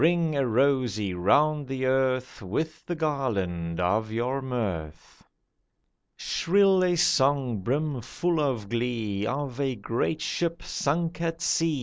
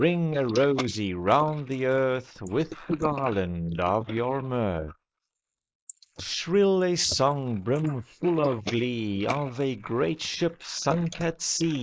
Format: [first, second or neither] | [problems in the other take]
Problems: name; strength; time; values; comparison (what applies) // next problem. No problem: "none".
first | noise reduction (neural mask model Resemble Enhance denoiser)